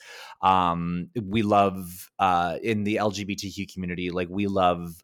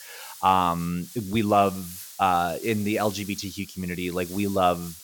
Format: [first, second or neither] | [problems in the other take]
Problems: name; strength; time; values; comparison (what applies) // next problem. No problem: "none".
first | hiss; noticeable; throughout; 15 dB below the speech